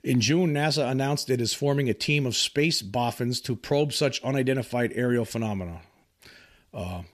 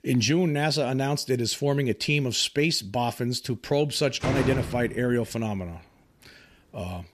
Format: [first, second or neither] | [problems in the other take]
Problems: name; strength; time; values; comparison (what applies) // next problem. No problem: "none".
first | door banging; noticeable; at 4 s; peak 2 dB below the speech